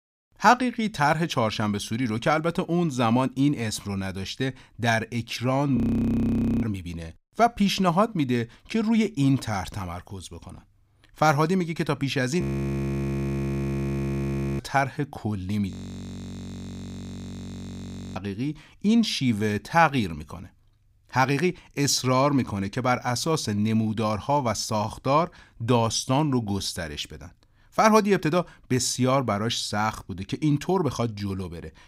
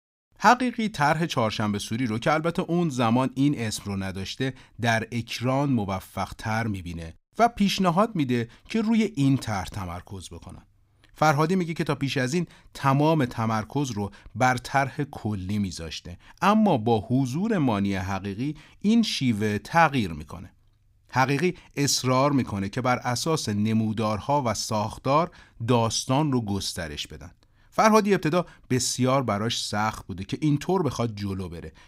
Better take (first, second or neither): second